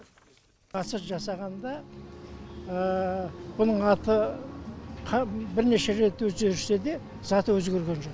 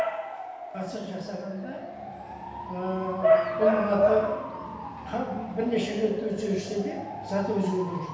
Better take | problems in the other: first | background sound (Bark / Motor vehicle (road) / Siren); as loud as the speech // room echo; dies away in 0.9 s

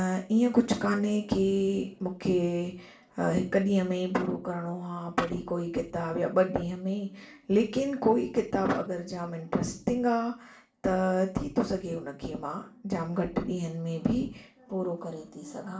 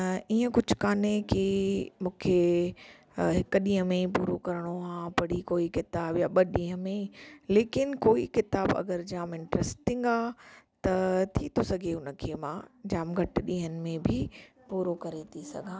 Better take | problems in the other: second | room echo; dies away in 0.3 s

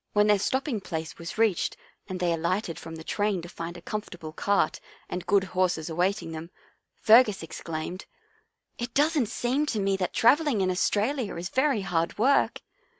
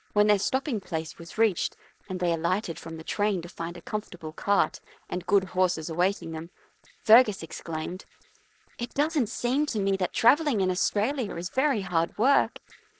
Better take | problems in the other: first | noise reduction (neural separator model SepFormer DNS4)

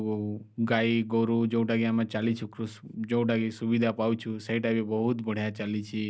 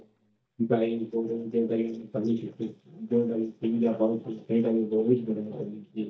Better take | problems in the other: first | noise reduction (neural mask model DeepFilterNet 3)

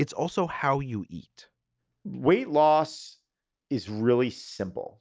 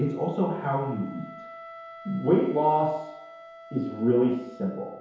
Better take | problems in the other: first | background sound (Wind instrument, woodwind instrument); 18 dB below the speech // room echo; dies away in 1 s

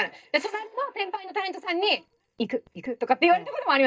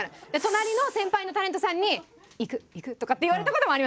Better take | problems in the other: second | noise reduction (neural mask model DeepFilterNet 3)

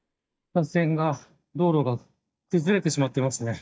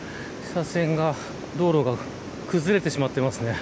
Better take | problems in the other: second | noise reduction (neural mask model DeepFilterNet 3)

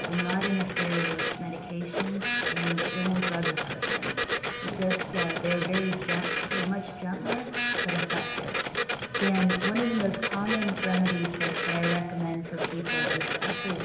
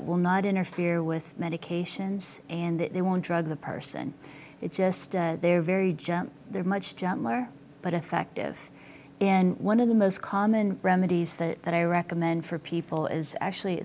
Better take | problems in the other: second | background sound (Printer); as loud as the speech // room echo; dies away in 0.8 s

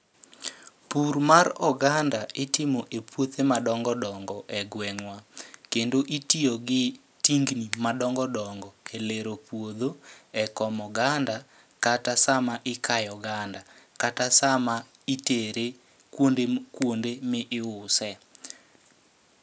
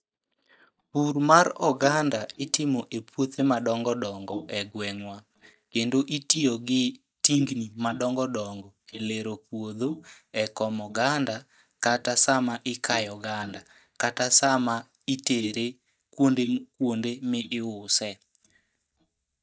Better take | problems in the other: first | noise reduction (neural mask model DeepFilterNet 3)

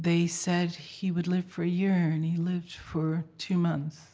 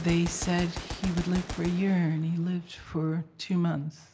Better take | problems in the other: first | background sound (Gunshot, gunfire); 12 dB below the speech

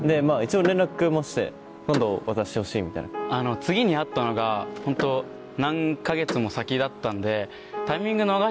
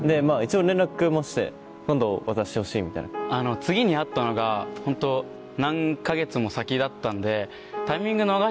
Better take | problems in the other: second | background sound (Door / Car); 15 dB below the speech

